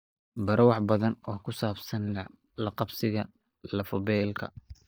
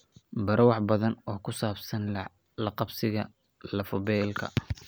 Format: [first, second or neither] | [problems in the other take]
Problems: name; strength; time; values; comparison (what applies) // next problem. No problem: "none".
second | noise reduction (neural mask model DeepFilterNet 3)